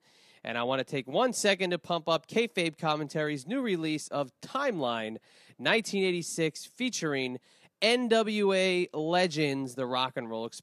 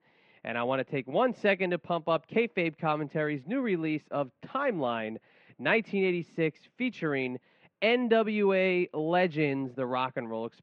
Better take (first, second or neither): first